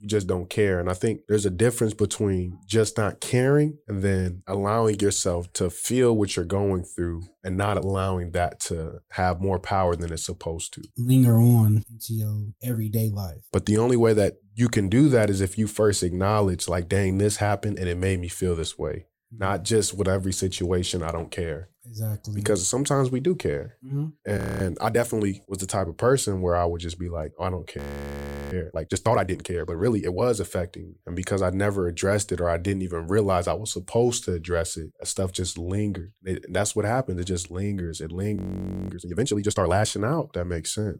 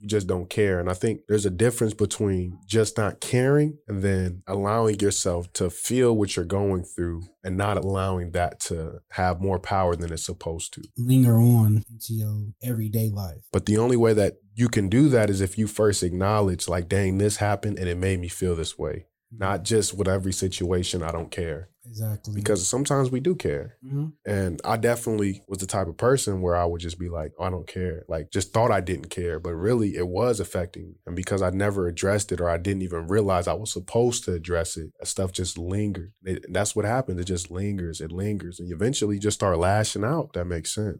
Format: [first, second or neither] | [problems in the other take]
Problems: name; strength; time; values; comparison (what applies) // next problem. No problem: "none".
second | audio freezing; at 24 s, at 28 s for 0.5 s and at 38 s for 0.5 s